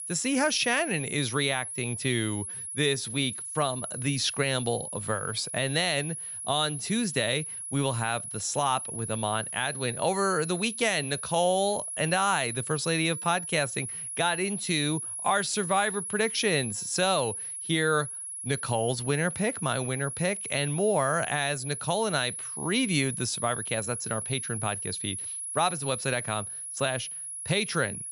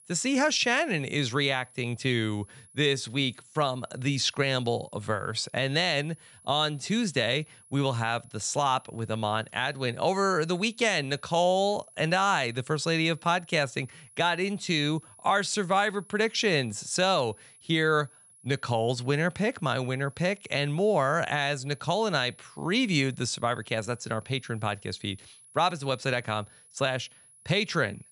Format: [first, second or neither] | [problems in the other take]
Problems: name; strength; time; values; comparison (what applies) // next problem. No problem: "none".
second | high-pitched whine; loud; throughout; 10.5 kHz, 5 dB below the speech; faint in the second